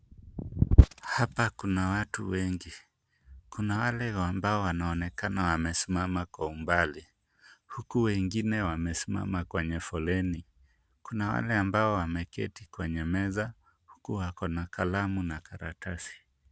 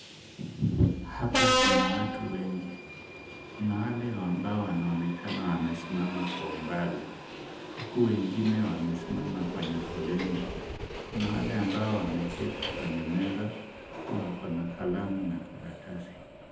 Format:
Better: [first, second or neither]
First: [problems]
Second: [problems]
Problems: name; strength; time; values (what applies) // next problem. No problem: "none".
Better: first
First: none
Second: background sound (Subway, metro, underground); 4 dB below the speech // room echo; dies away in 0.8 s